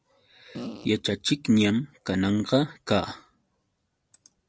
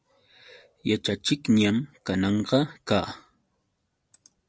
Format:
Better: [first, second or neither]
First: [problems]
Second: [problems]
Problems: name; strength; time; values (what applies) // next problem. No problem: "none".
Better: second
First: background sound (Fart); 10 dB below the speech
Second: none